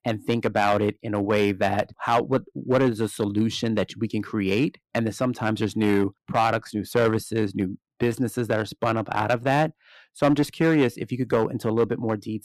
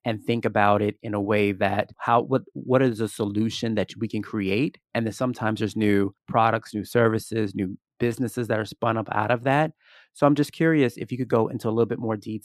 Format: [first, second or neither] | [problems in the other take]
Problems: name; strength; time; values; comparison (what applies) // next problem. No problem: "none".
second | distortion; slight; 3% of the sound clipped